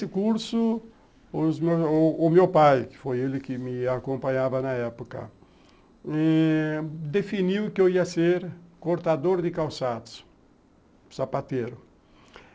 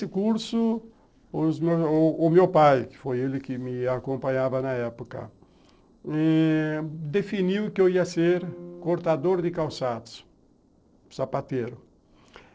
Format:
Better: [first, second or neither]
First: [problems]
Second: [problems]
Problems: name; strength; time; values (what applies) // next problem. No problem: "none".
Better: first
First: none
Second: noise reduction (neural separator model SepFormer DNS4)